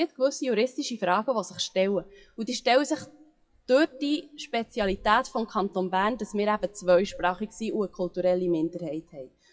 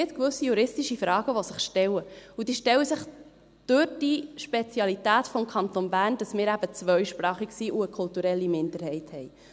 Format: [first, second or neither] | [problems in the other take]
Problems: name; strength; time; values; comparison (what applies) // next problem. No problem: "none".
second | noise reduction (classical method WPE with log-MMSE)